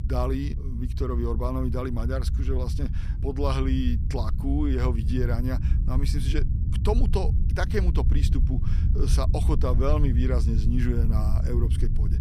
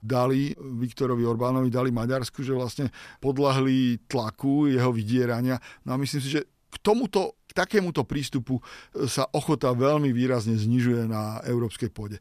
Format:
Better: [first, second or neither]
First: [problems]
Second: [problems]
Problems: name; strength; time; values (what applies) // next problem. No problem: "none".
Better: second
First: low rumble; loud; throughout; 9 dB below the speech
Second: none